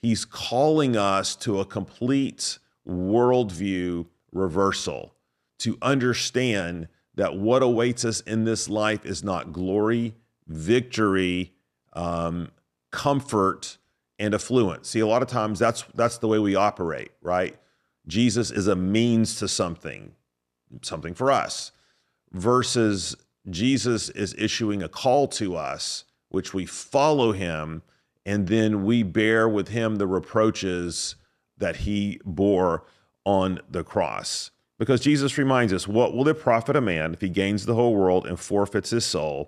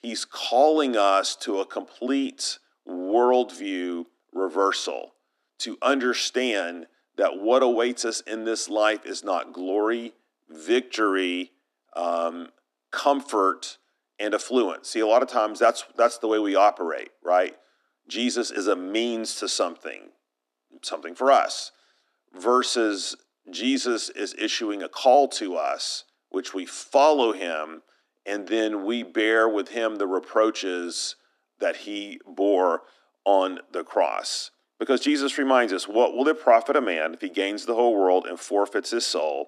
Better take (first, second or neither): first